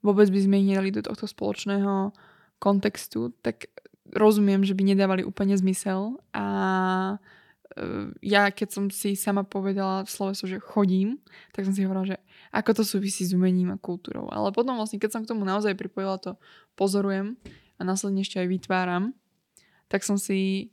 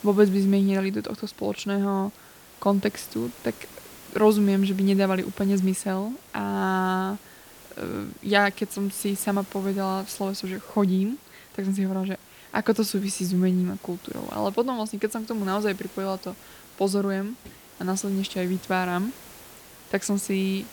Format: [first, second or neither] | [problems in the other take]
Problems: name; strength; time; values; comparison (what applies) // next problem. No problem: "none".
first | hiss; noticeable; throughout; 20 dB below the speech